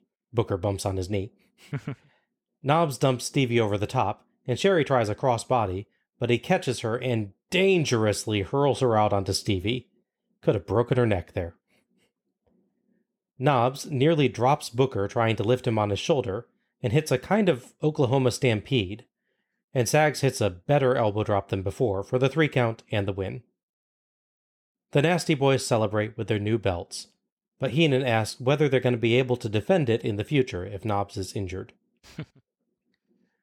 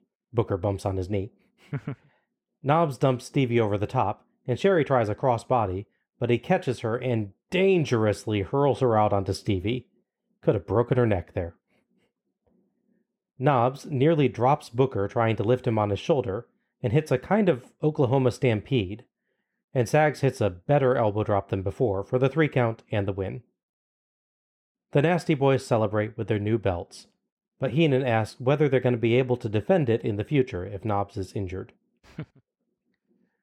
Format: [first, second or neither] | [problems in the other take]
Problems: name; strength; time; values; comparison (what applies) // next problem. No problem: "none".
first | muffled; slightly; fading above 3 kHz